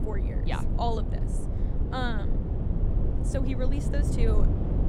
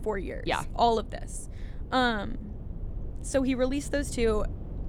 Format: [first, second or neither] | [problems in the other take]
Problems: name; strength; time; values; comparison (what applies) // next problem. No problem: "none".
second | low rumble; loud; throughout; 5 dB below the speech; faint in the second